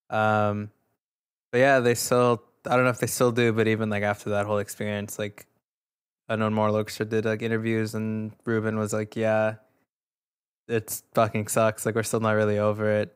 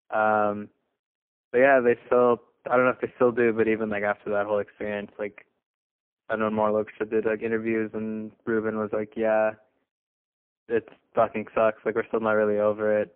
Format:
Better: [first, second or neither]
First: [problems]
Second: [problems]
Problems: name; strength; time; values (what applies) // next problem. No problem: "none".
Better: first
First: none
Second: phone-call audio; poor line